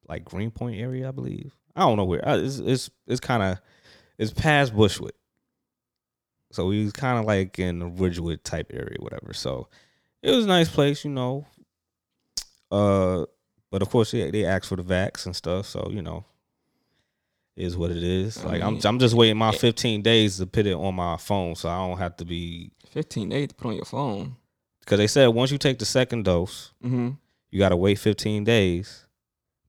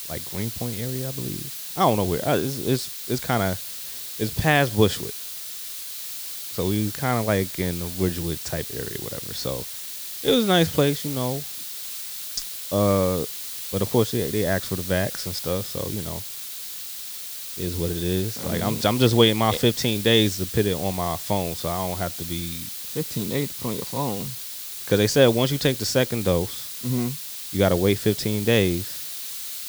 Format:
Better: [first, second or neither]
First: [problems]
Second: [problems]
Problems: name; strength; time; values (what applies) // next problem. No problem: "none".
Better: first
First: none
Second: hiss; loud; throughout; 7 dB below the speech